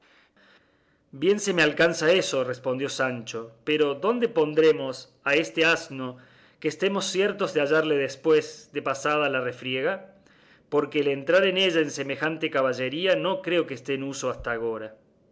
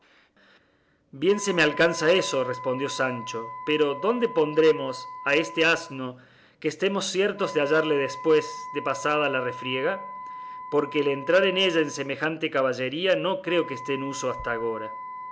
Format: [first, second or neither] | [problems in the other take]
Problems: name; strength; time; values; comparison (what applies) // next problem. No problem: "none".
first | background sound (Wind instrument, woodwind instrument); 13 dB below the speech